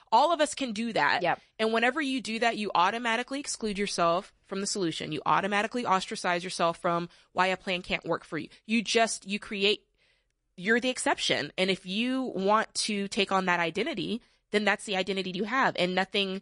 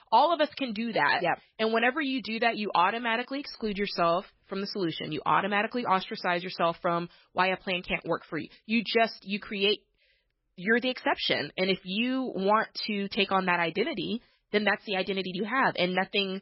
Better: first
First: garbled, watery; slightly; nothing above 10.5 kHz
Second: garbled, watery; badly; nothing above 5.5 kHz

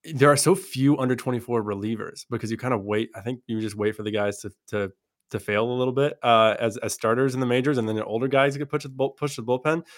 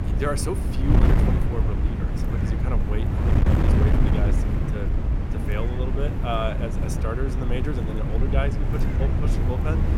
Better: first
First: none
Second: wind noise on the microphone; heavy; as loud as the speech

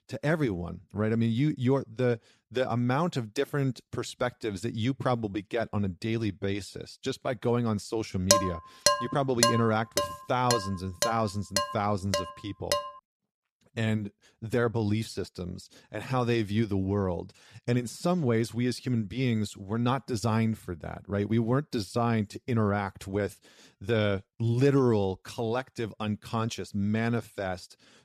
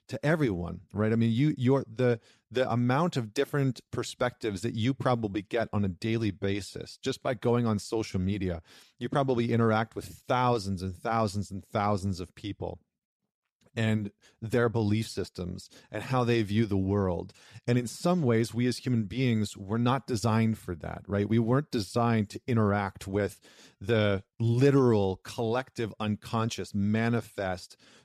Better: second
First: clattering dishes; loud; from 8.5 to 13 s; peak 6 dB above the speech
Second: none

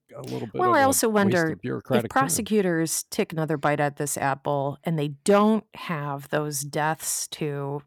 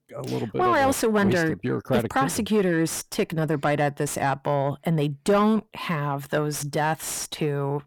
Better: first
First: none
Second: distortion; slight; 9 dB below the speech

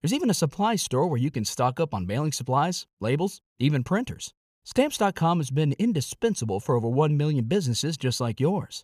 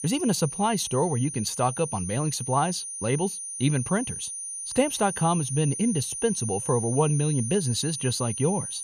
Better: first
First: none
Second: high-pitched whine; loud; throughout; 9.5 kHz, 6 dB below the speech

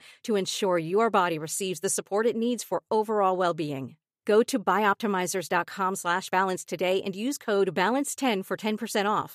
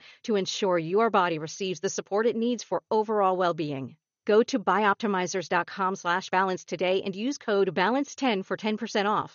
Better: first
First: none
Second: garbled, watery; slightly; nothing above 6.5 kHz

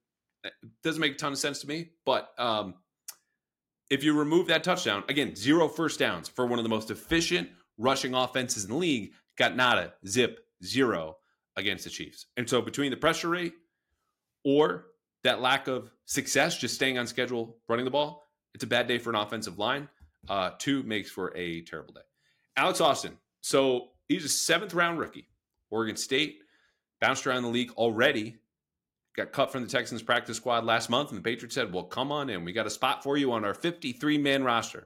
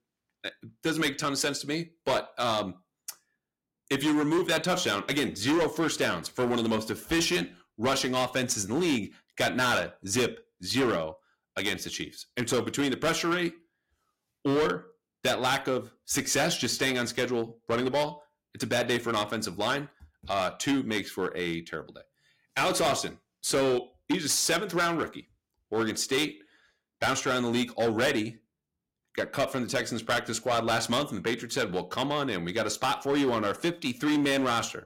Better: first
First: none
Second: distortion; heavy; 9% of the sound clipped

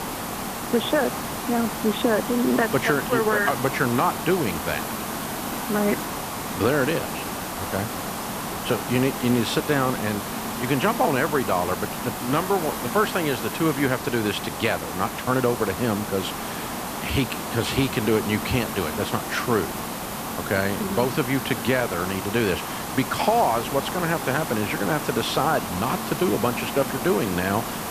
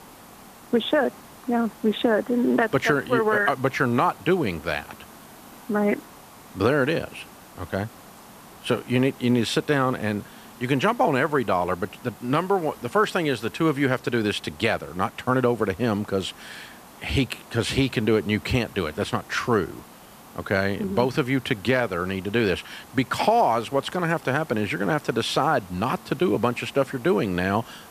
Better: second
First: hiss; loud; throughout; 5 dB below the speech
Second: hiss; faint; throughout; 20 dB below the speech

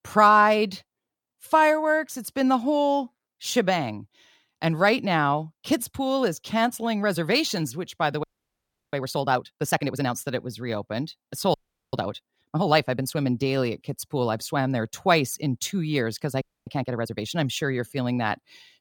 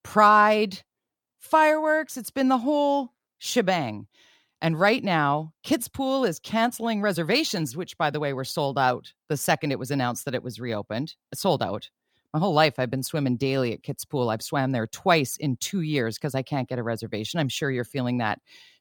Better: second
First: audio freezing; at 8 s for 0.5 s, at 12 s and at 16 s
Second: none

